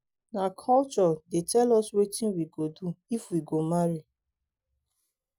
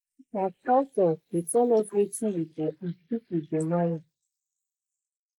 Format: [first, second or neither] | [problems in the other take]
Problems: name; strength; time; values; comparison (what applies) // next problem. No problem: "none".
first | noise reduction (neural mask model Resemble Enhance denoiser)